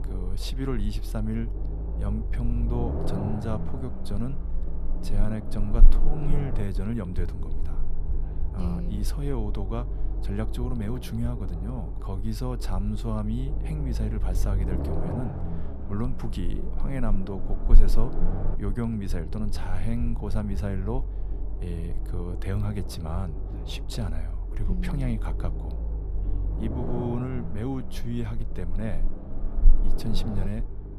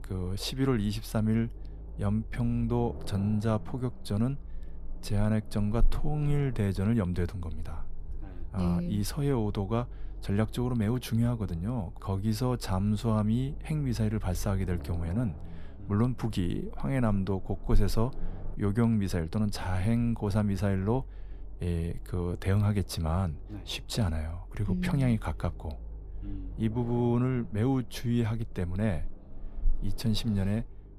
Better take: second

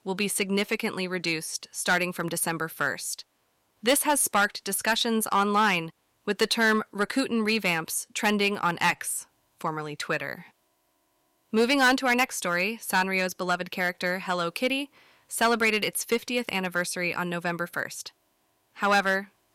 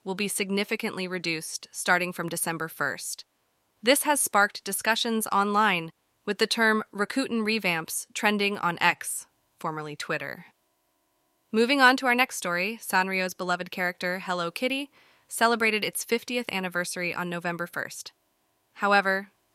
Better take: second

